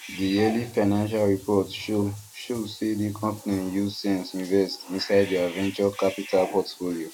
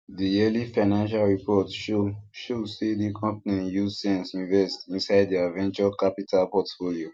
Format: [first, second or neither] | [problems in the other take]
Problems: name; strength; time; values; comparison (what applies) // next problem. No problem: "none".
second | background sound (Bathtub (filling or washing) / Cat); 15 dB below the speech